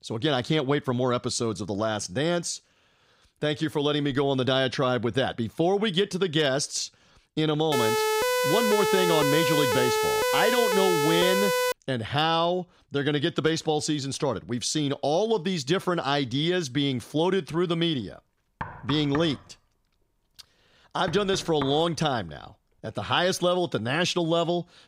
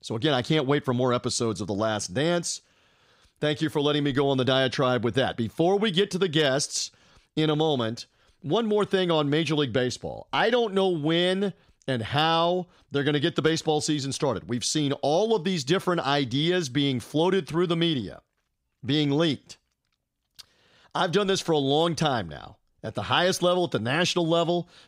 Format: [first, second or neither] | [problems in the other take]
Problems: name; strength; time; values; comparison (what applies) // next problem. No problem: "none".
second | siren; loud; from 7.5 to 12 s; peak 2 dB above the speech // door banging; faint; from 19 to 22 s; peak 10 dB below the speech